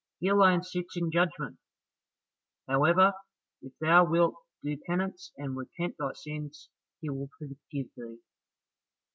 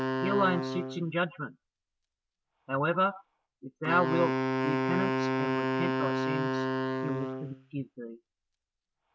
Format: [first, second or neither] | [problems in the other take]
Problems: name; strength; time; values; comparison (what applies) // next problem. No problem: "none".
first | background sound (Wind instrument, woodwind instrument); 1 dB above the speech